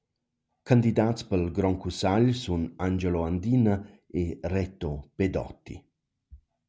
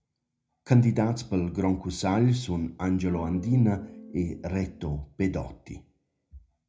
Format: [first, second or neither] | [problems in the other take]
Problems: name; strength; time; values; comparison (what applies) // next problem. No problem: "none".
first | background sound (Electric guitar / Strum); 17 dB below the speech // room echo; dies away in 0.2 s